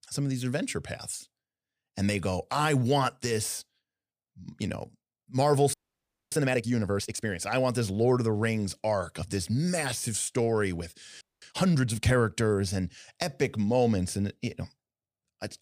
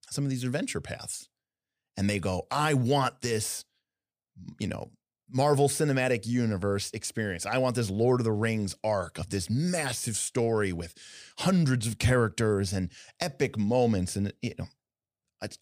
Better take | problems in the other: second | audio freezing; at 5.5 s for 0.5 s and at 11 s

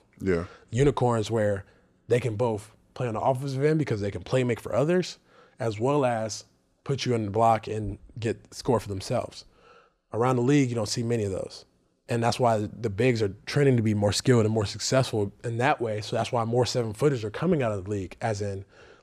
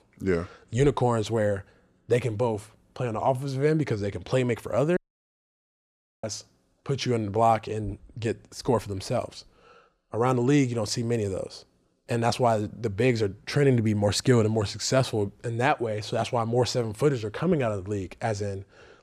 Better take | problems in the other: first | audio cutting out; at 5 s for 1.5 s

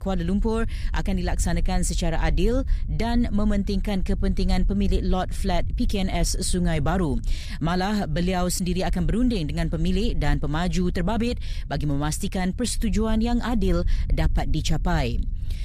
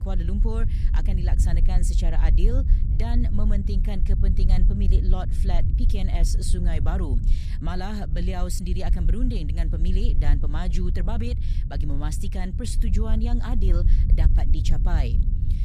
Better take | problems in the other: first | low rumble; loud; throughout; 7 dB below the speech; faint in the first

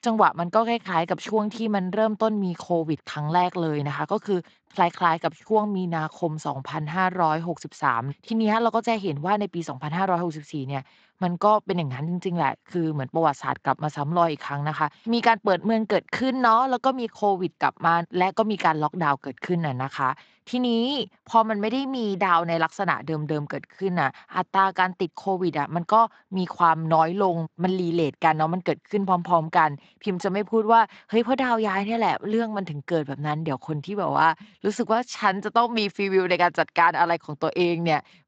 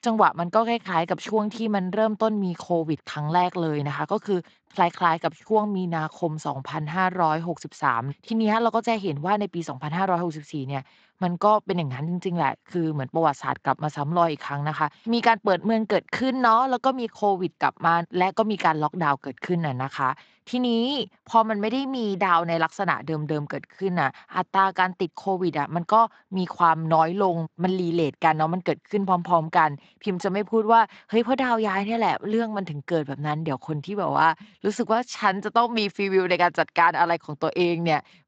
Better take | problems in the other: neither | garbled, watery; slightly; nothing above 7.5 kHz; the same in both

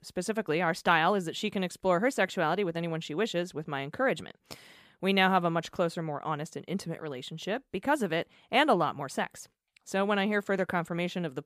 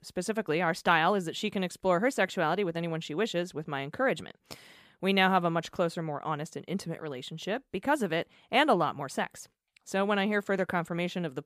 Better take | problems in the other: neither | none

